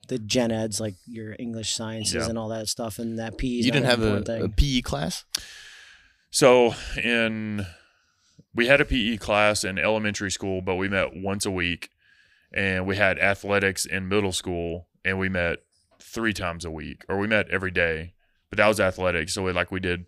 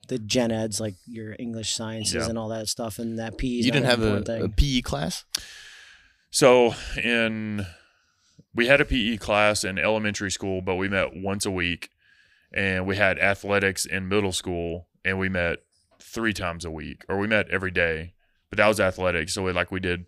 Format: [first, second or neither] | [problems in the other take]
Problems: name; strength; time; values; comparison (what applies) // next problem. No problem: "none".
neither | none